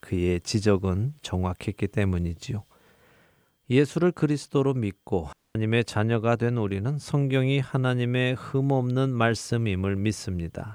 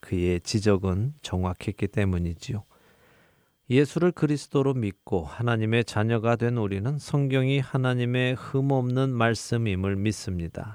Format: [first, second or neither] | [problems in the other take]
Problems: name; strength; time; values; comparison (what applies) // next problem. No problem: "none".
second | audio cutting out; at 5.5 s